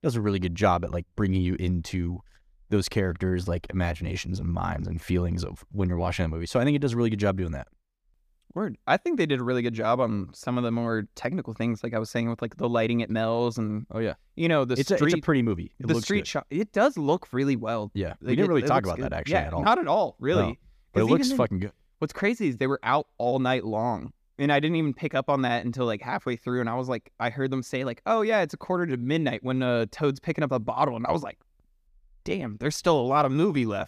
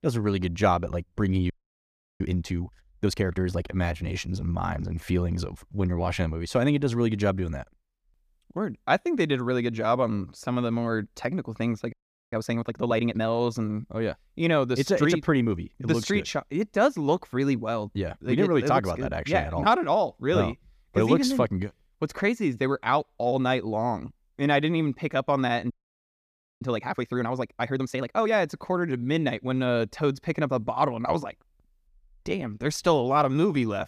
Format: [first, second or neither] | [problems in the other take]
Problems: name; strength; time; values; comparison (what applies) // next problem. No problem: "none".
first | audio freezing; at 1.5 s for 0.5 s, at 12 s and at 26 s for 1 s